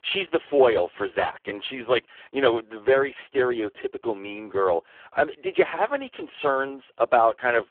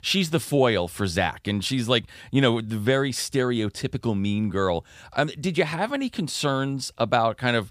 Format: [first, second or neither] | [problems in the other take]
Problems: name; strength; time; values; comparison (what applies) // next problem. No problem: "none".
second | phone-call audio; poor line; nothing above 3.5 kHz